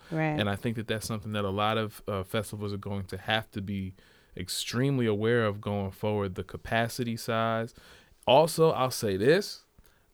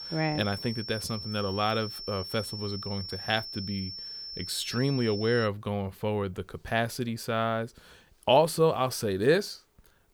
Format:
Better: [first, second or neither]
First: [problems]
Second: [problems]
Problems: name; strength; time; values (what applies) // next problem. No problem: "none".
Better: first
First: none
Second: high-pitched whine; loud; until 5.5 s; 5.5 kHz, 8 dB below the speech